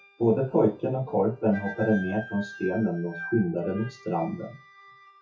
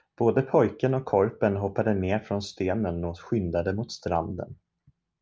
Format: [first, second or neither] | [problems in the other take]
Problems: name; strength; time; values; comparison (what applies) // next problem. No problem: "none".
second | noise reduction (classical method WPE with log-MMSE)